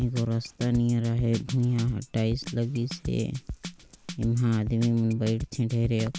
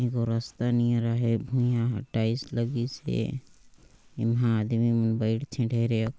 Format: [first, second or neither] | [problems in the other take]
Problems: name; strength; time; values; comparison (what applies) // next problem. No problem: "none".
second | background sound (Drum kit); 13 dB below the speech